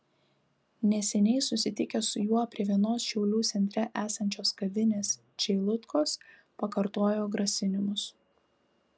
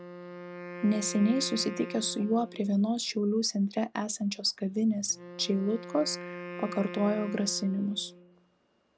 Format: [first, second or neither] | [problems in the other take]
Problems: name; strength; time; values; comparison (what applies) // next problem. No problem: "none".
first | background sound (Wind instrument, woodwind instrument); 13 dB below the speech